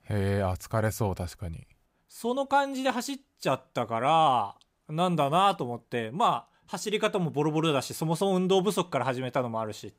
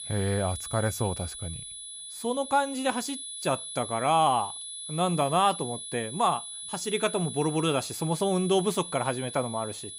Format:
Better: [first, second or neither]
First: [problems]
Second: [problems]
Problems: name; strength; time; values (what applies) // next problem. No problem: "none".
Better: first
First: none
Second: high-pitched whine; loud; throughout; 10 kHz, 8 dB below the speech